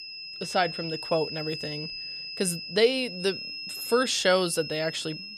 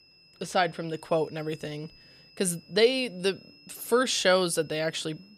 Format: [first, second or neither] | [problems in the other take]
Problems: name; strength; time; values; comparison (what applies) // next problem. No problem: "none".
second | high-pitched whine; loud; throughout; 5 kHz, 8 dB below the speech; faint in the second